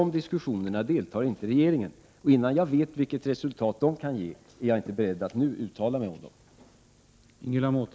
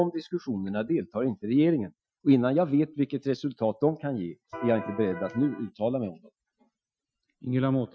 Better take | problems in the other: first | noise reduction (classical method Wiener filter)

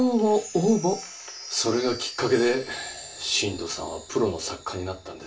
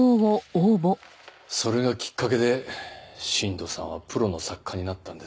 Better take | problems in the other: second | background sound (Chime); 16 dB below the speech // room echo; dies away in 0.2 s

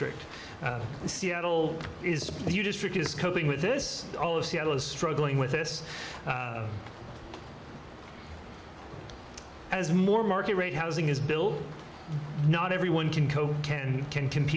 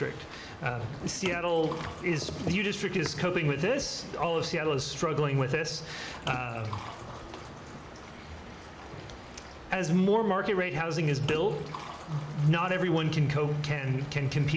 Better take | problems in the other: first | background sound (Liquid); 18 dB below the speech

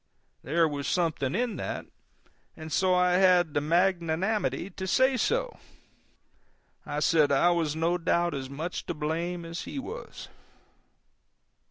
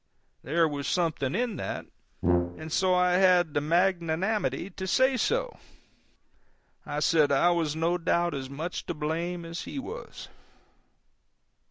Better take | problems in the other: first | background sound (Brass instrument); 2 dB below the speech

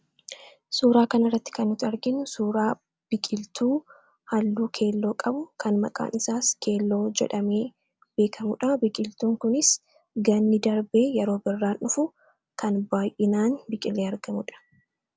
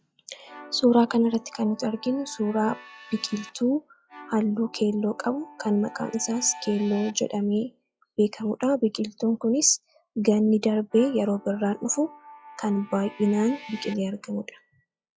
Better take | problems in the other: first | noise reduction (classical method log-MMSE)

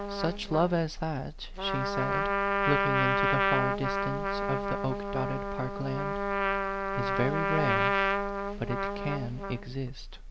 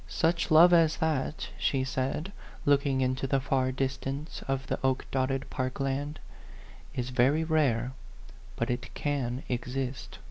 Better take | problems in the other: second | background sound (Trumpet); 2 dB above the speech

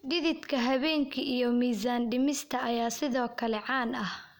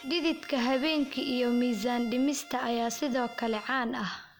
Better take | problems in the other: first | background sound (Bowed string instrument); 19 dB below the speech

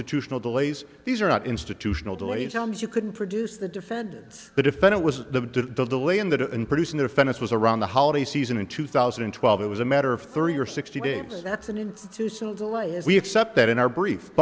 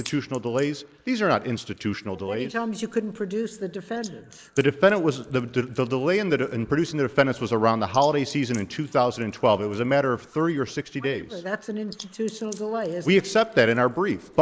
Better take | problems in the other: first | noise reduction (neural mask model Resemble Enhance denoiser)

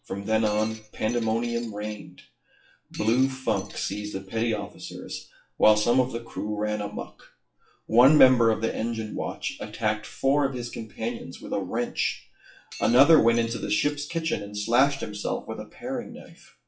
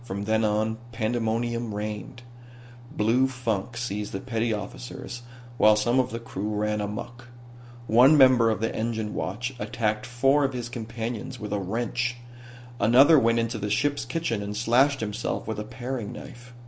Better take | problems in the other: second | noise reduction (classical method WPE with log-MMSE)

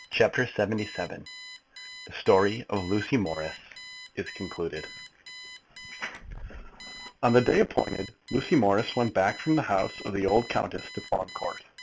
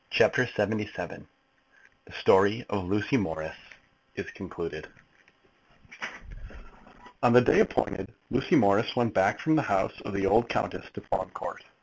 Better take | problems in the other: second | background sound (Alarm); 18 dB below the speech

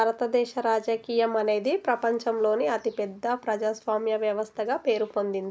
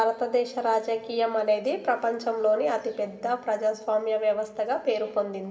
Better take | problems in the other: first | room echo; dies away in 1.1 s

